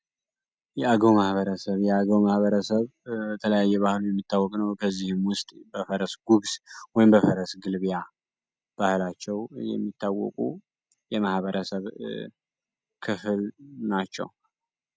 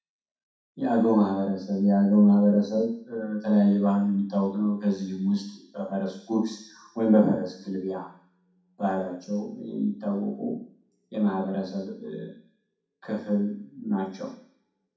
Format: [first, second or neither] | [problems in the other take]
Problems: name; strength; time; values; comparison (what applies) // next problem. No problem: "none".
first | room echo; dies away in 0.6 s